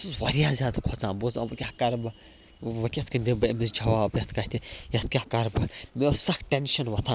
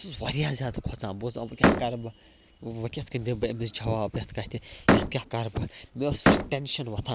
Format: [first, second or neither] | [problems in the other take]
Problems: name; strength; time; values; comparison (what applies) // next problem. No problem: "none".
first | background sound (Slam); 5 dB above the speech